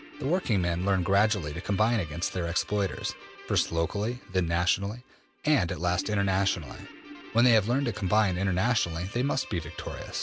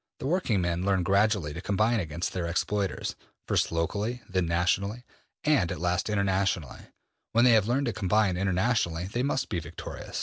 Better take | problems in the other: second | background sound (Guitar); 18 dB below the speech

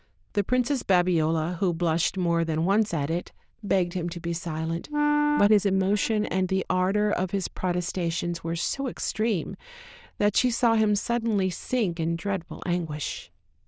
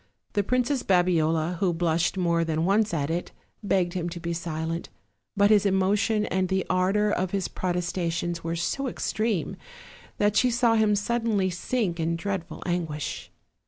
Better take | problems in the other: second | noise reduction (neural diffusion model UNIVERSE++)

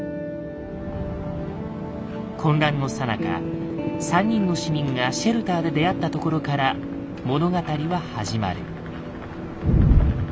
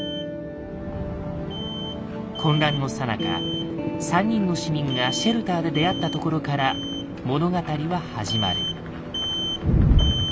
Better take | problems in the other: first | background sound (Alarm); 10 dB below the speech

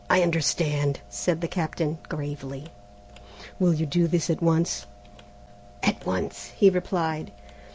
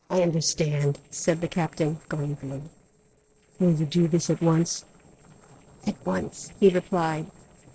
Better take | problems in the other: first | noise reduction (neural separator model SepFormer DNS4)

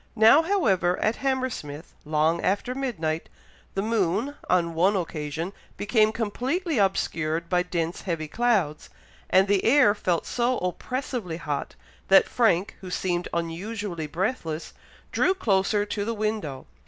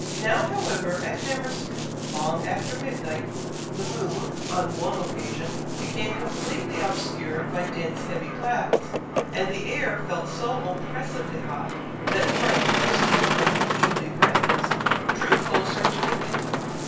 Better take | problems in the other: first | background sound (Boat, Water vehicle); 4 dB above the speech // room echo; dies away in 0.3 s

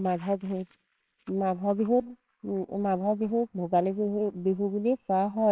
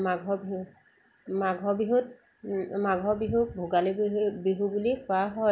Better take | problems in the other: second | noise reduction (neural separator model SepFormer WHAMR!)

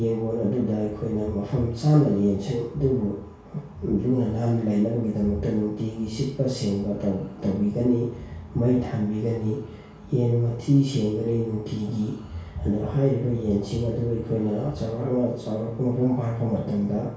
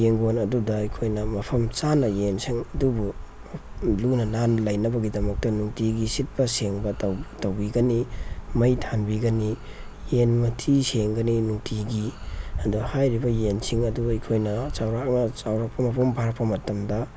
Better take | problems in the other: second | room echo; dies away in 0.6 s

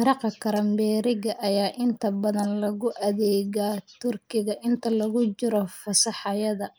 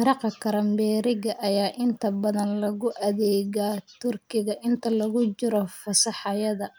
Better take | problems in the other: second | noise reduction (neural mask model Resemble Enhance denoiser)

